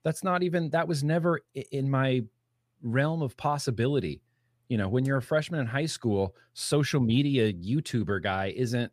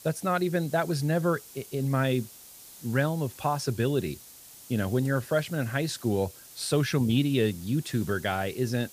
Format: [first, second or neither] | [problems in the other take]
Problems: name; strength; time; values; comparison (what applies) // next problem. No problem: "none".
first | hiss; noticeable; throughout; 20 dB below the speech